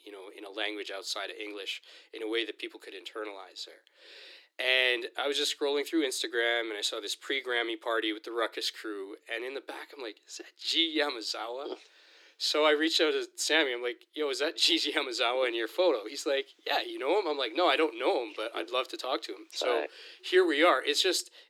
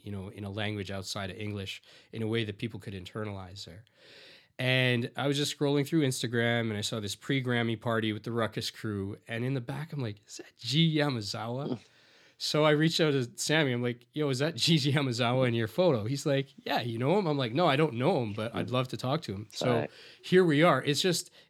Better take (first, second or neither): second